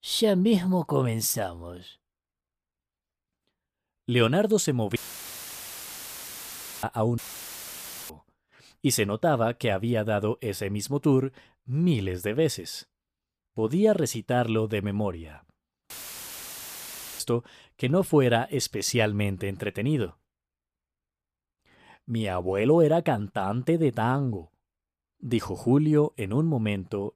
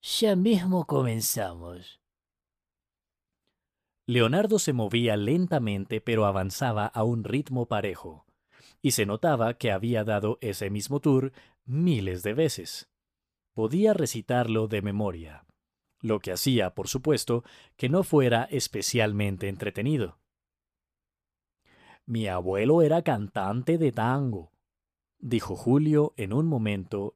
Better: second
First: audio cutting out; filled with static; at 5 s for 2 s, at 7 s for 1 s and at 16 s for 1.5 s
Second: none

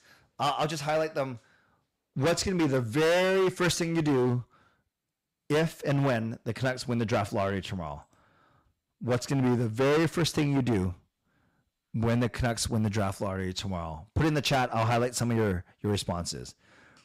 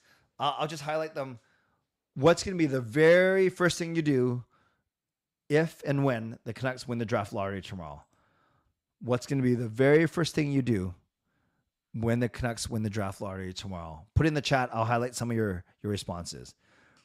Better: second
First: distortion; heavy; 12% of the sound clipped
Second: none

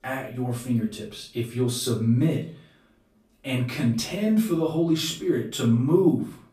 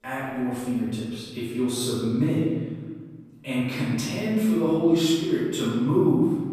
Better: first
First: room echo; slight; dies away in 0.3 s // off-mic speech; far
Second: room echo; strong; dies away in 1.4 s // off-mic speech; far

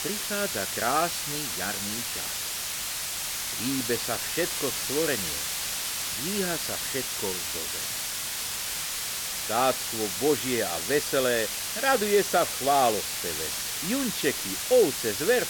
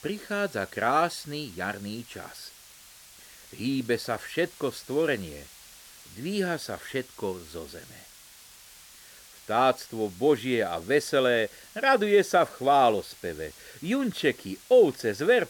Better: second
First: hiss; loud; throughout; 1 dB below the speech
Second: hiss; faint; throughout; 20 dB below the speech

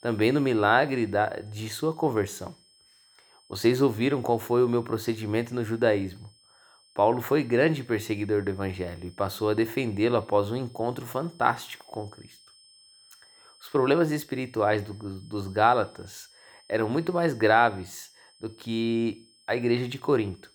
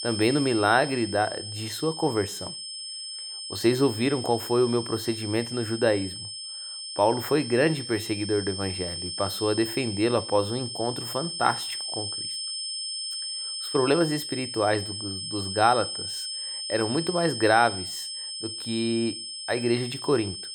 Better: first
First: high-pitched whine; faint; throughout; 5 kHz, 30 dB below the speech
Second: high-pitched whine; loud; throughout; 5 kHz, 6 dB below the speech

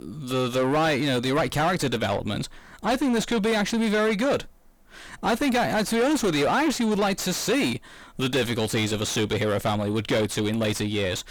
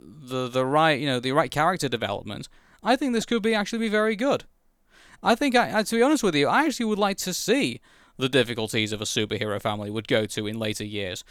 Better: second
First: distortion; heavy; 6 dB below the speech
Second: none

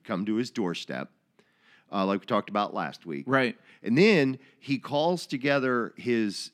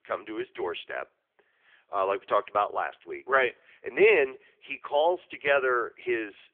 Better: first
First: none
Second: phone-call audio; poor line

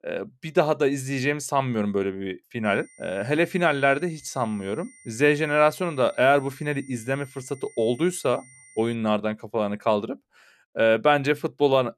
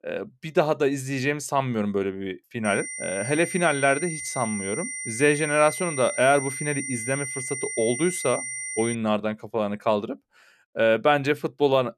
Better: first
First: high-pitched whine; faint; from 2.5 to 9 s; 2 kHz, 25 dB below the speech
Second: high-pitched whine; loud; from 2.5 to 9 s; 2 kHz, 6 dB below the speech

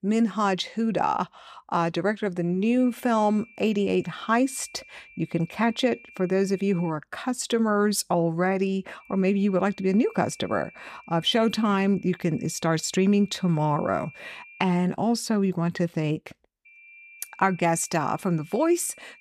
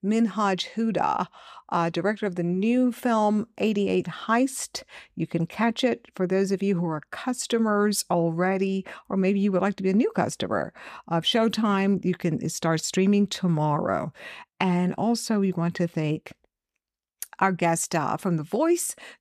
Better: second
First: high-pitched whine; faint; from 3 to 7 s, from 9 to 15 s and from 17 s on; 2.5 kHz, 25 dB below the speech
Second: none

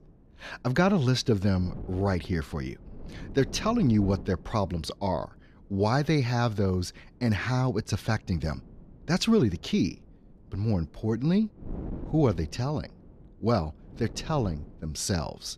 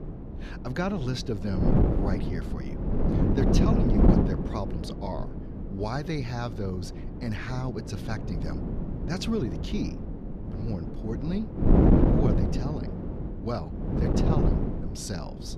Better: first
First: wind noise on the microphone; occasional gusts; 20 dB below the speech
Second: wind noise on the microphone; heavy; 3 dB above the speech

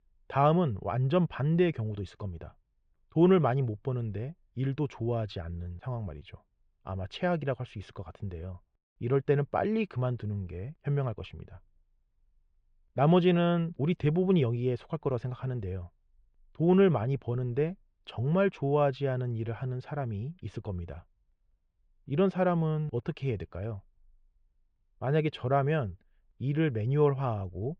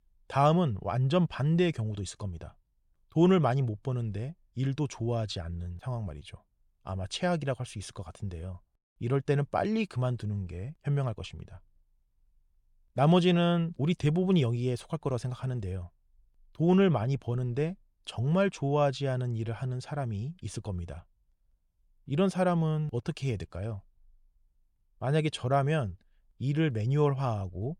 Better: second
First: muffled; slightly; fading above 2.5 kHz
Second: none

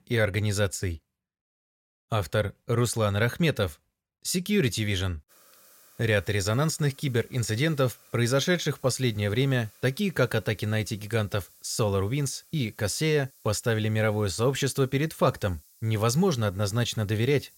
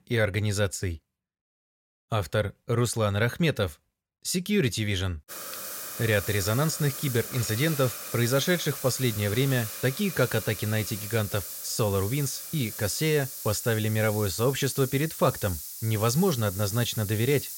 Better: first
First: hiss; faint; from 5.5 s on; 25 dB below the speech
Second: hiss; loud; from 5.5 s on; 8 dB below the speech

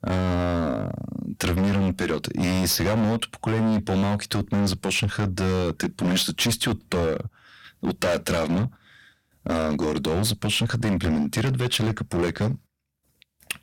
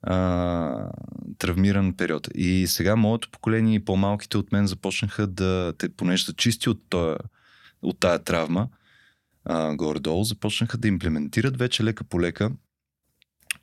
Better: second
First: distortion; heavy; 17% of the sound clipped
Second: none

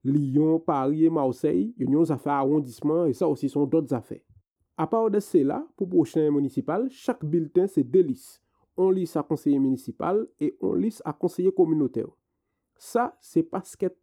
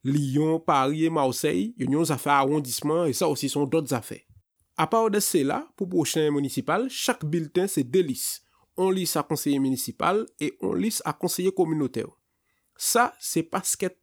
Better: second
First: muffled; very; fading above 1.5 kHz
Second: none

